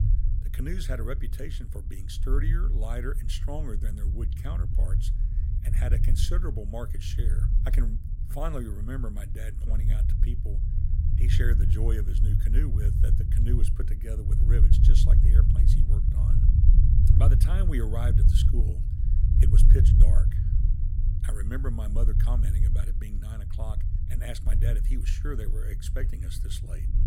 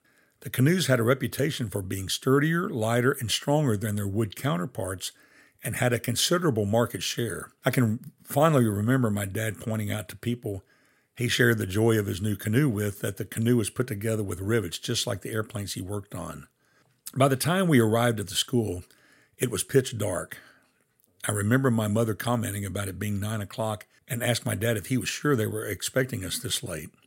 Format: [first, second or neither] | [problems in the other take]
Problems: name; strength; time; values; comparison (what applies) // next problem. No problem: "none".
second | low rumble; loud; throughout; 2 dB below the speech